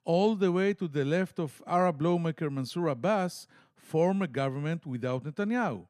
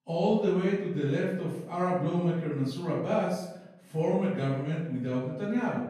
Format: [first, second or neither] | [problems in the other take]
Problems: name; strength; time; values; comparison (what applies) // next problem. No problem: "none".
first | off-mic speech; far // room echo; noticeable; dies away in 0.7 s